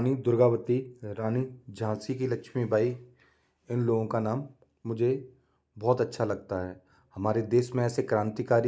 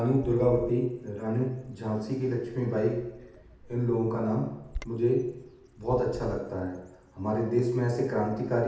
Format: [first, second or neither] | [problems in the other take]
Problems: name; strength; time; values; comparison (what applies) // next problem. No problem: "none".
first | background sound (Bird vocalization, bird call, bird song); 18 dB below the speech // room echo; dies away in 0.8 s